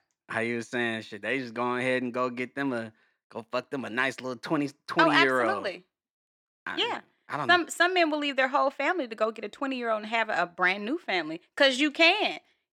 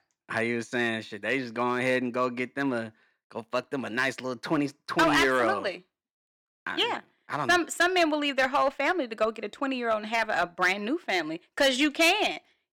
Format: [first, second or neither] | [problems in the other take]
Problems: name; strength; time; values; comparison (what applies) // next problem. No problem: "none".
first | distortion; slight; 2% of the sound clipped